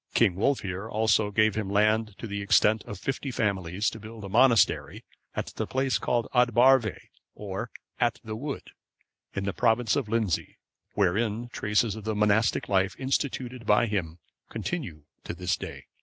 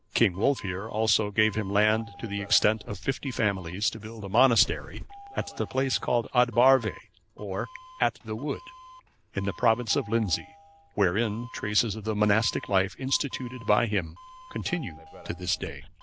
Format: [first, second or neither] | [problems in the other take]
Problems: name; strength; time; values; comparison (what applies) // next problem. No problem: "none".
first | background sound (Doorbell); 18 dB below the speech